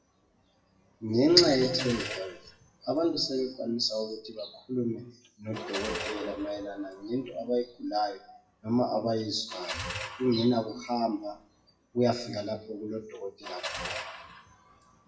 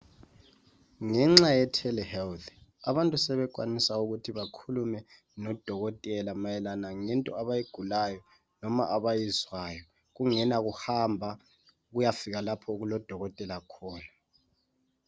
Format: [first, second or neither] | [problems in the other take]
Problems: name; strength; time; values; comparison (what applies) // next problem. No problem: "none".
second | noise reduction (classical method WPE with log-MMSE)